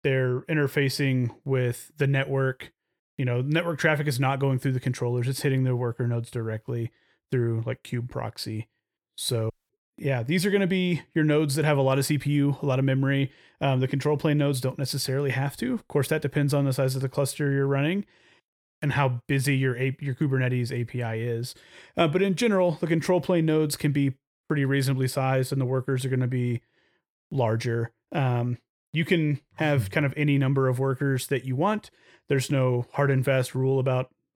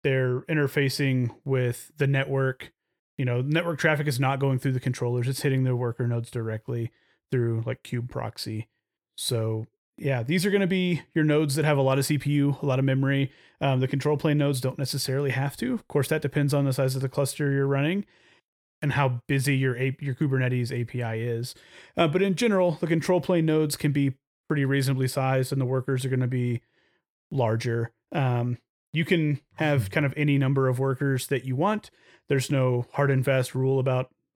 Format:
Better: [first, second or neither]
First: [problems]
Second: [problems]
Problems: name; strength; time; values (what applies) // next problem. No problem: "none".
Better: second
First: audio cutting out; at 9.5 s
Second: none